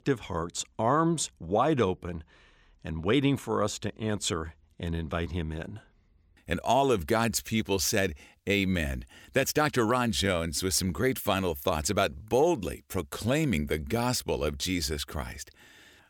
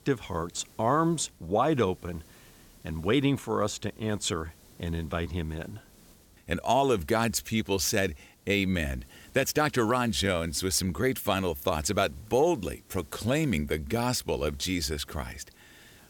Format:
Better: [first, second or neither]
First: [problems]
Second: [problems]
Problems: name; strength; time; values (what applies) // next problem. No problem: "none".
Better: first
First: none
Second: hiss; faint; throughout; 30 dB below the speech